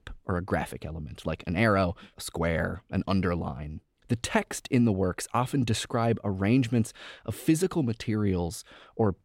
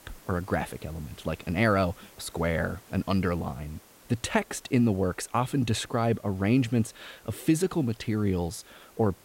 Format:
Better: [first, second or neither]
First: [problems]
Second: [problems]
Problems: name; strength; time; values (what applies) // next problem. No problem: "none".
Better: first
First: none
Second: hiss; faint; throughout; 25 dB below the speech